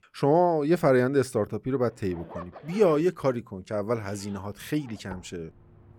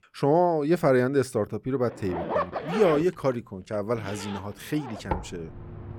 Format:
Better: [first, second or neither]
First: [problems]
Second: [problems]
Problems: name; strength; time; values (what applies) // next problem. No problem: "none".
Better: first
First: household noises; faint; from 2 s on; 20 dB below the speech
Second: household noises; loud; from 2 s on; 8 dB below the speech